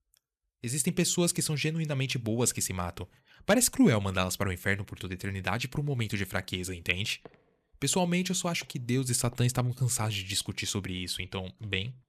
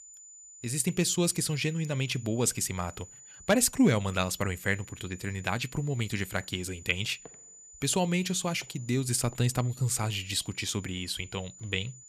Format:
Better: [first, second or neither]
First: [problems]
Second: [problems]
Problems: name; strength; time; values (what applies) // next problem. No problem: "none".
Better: first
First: none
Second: high-pitched whine; noticeable; throughout; 7 kHz, 20 dB below the speech